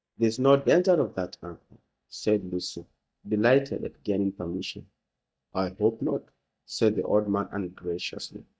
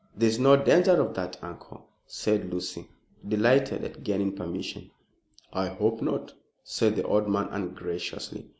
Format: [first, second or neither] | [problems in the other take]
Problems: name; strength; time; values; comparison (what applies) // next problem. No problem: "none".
second | noise reduction (neural mask model DeepFilterNet 3)